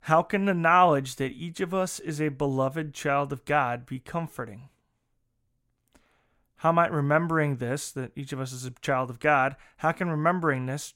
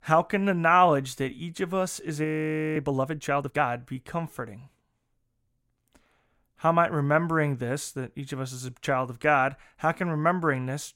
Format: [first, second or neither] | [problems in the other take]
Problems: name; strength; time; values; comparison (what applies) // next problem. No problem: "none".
first | audio freezing; at 2.5 s for 0.5 s